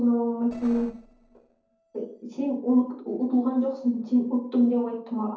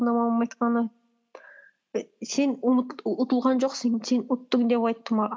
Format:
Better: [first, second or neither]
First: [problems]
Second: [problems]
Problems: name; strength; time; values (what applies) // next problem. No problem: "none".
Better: second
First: noise reduction (neural separator model SepFormer DNS4)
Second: none